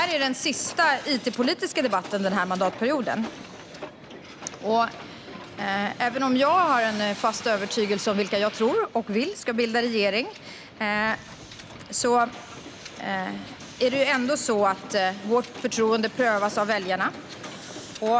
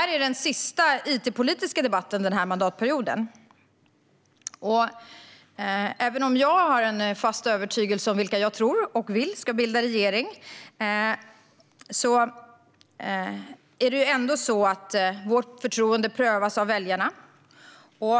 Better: second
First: background sound (Hiss); 15 dB below the speech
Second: none

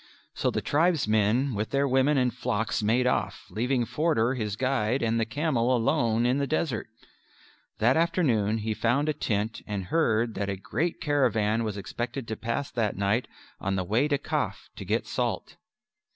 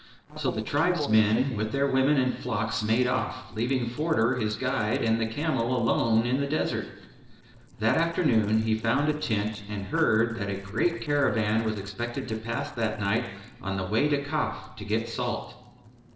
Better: first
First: none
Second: noise reduction (neural separator model SepFormer DNS4)

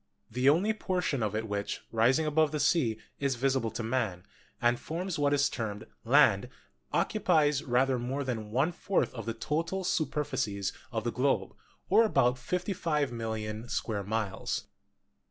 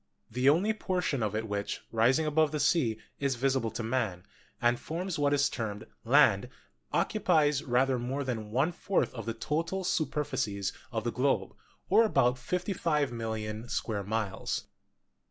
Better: first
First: none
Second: noise reduction (neural mask model Resemble Enhance denoiser)

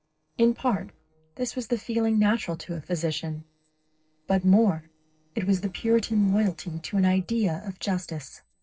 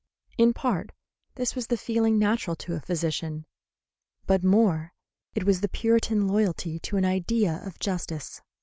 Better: second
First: noise reduction (neural separator model SepFormer DNS4)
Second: none

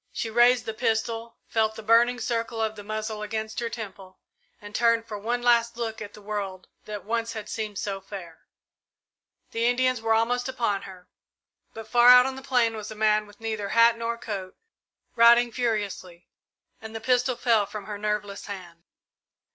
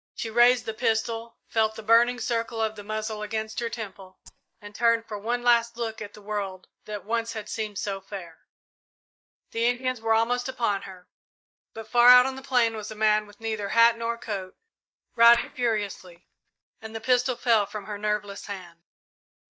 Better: first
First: none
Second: noise reduction (neural mask model DeepFilterNet 3)

